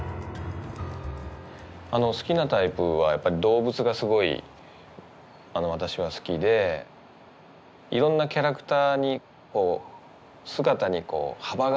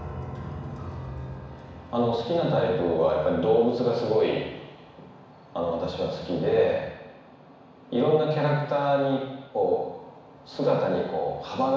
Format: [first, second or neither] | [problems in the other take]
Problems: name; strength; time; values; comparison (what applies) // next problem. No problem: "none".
first | room echo; dies away in 1.1 s